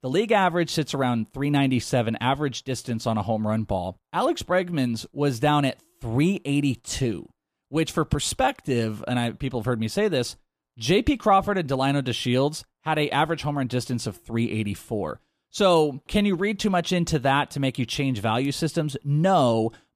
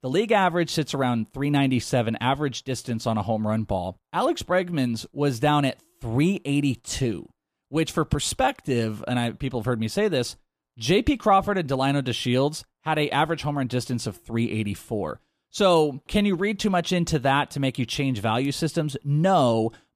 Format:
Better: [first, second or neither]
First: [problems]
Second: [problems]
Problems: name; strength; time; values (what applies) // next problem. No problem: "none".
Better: neither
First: none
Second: none